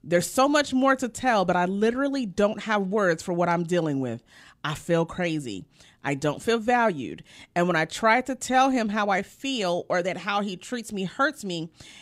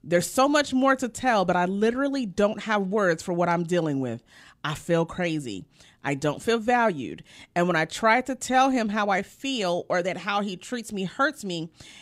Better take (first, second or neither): neither